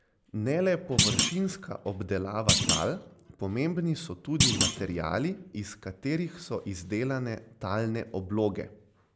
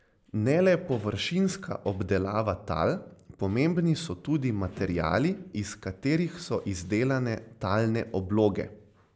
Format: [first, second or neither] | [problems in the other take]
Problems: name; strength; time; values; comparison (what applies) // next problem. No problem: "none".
second | background sound (Thump, thud); 2 dB above the speech